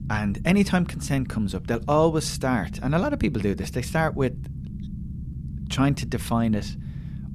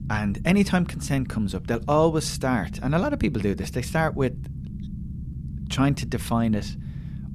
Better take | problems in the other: neither | low rumble; noticeable; throughout; 20 dB below the speech; the same in both

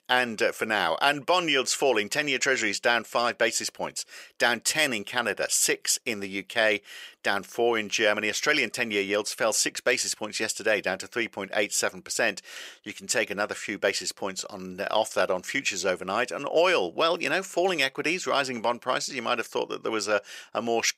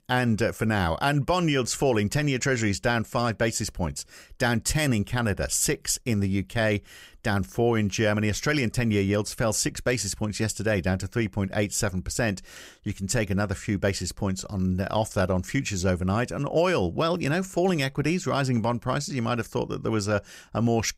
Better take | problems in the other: second | thin; somewhat; fading below 450 Hz

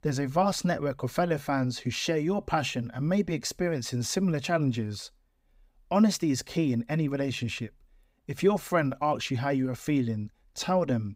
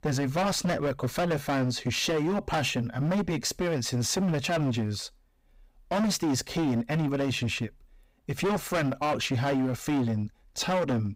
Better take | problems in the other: first | distortion; heavy; 20% of the sound clipped

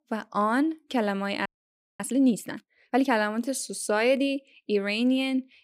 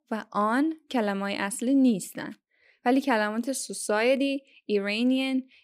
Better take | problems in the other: second | audio freezing; at 1.5 s for 0.5 s

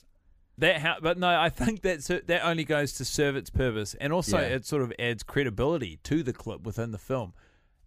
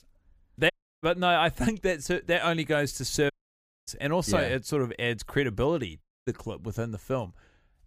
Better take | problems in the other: first | audio cutting out; at 0.5 s, at 3.5 s for 0.5 s and at 6 s

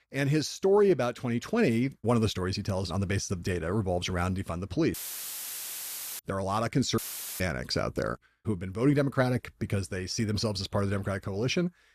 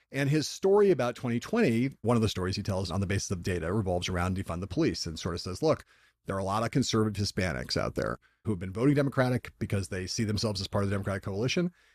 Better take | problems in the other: second | audio cutting out; filled with static; at 5 s for 1.5 s and at 7 s

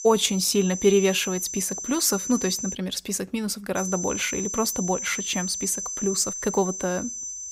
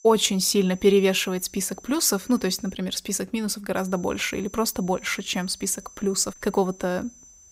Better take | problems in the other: second | high-pitched whine; loud; until 2.5 s and from 4 s on; 6 kHz, 5 dB below the speech; faint in the second

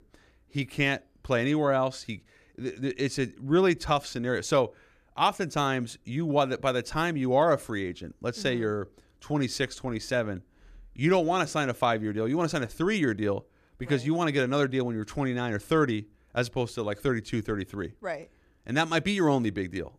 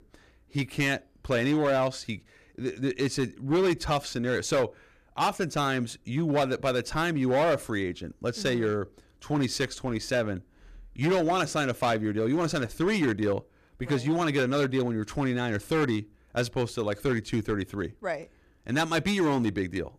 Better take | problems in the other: first | distortion; slight; 7% of the sound clipped

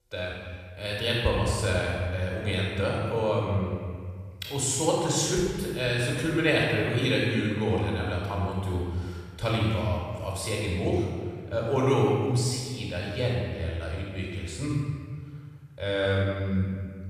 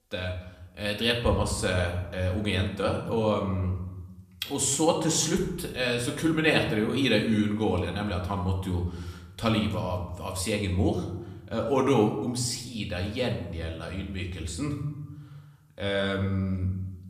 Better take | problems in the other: second | room echo; strong; dies away in 1.7 s; slight in the second // off-mic speech; far; somewhat distant in the second

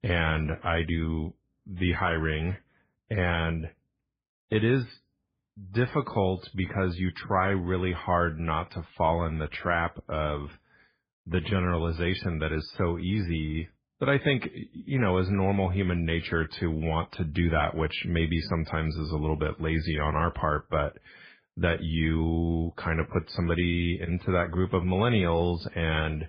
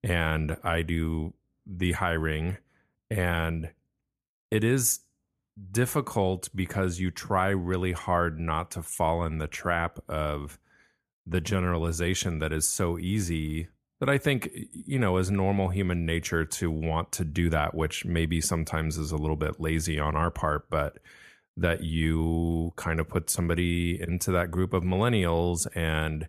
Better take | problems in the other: second | garbled, watery; badly

